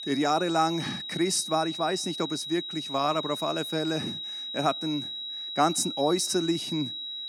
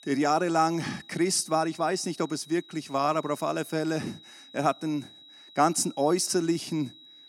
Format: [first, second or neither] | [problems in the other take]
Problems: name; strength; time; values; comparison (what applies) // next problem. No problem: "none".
second | high-pitched whine; loud; throughout; 4 kHz, 5 dB below the speech; faint in the second